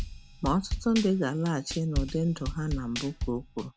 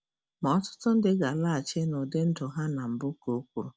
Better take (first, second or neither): second